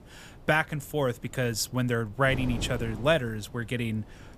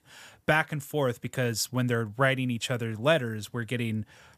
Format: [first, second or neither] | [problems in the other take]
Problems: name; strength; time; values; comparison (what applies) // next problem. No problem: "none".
second | wind noise on the microphone; occasional gusts; 20 dB below the speech